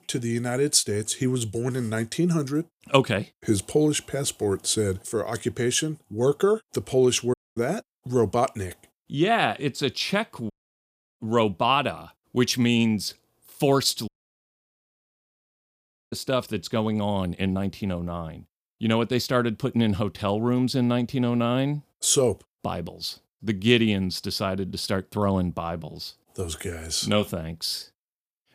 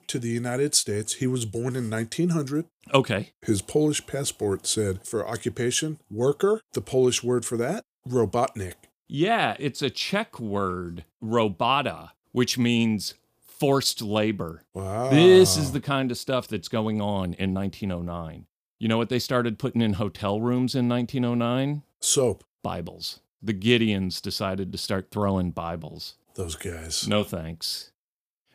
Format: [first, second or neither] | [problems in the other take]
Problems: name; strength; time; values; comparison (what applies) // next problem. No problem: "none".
second | audio cutting out; at 7.5 s, at 11 s for 0.5 s and at 14 s for 2 s